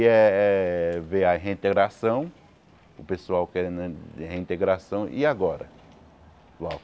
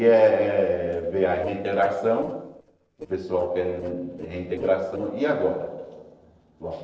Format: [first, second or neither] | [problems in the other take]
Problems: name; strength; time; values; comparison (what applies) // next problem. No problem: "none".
first | noise reduction (neural separator model SepFormer DNS4)